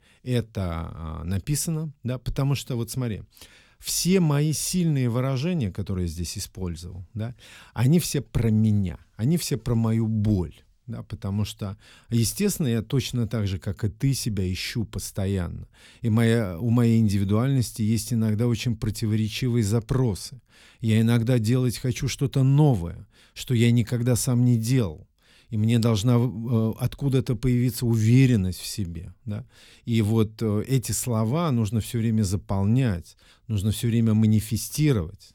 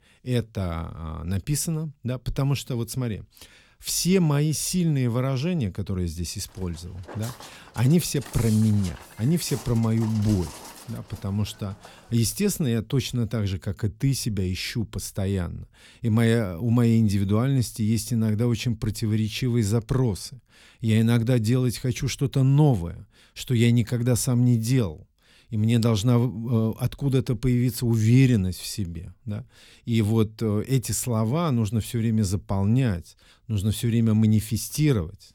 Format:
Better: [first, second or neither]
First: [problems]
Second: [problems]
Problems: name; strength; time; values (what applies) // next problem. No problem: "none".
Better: first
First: none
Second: footsteps; faint; from 6.5 to 12 s; peak 10 dB below the speech